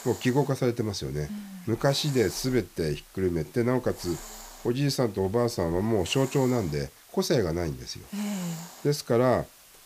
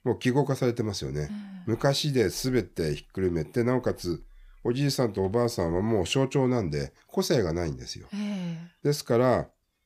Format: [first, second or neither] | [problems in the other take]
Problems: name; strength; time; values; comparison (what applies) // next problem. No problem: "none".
second | hiss; noticeable; throughout; 20 dB below the speech